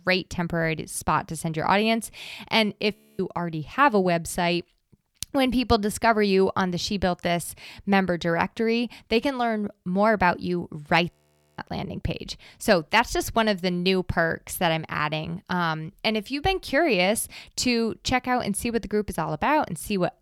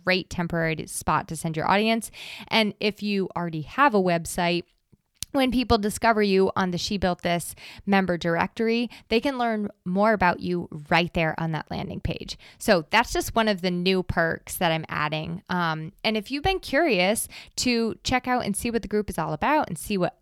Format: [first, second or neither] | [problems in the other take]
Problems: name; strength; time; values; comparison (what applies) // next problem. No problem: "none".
second | audio freezing; at 3 s and at 11 s